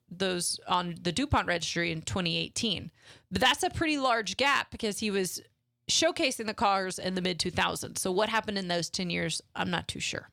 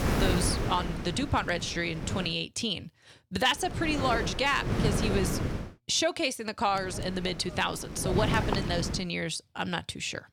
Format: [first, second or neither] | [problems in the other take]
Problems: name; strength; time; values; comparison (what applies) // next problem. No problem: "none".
first | wind noise on the microphone; heavy; until 2 s, from 3.5 to 5.5 s and from 6.5 to 9 s; 7 dB below the speech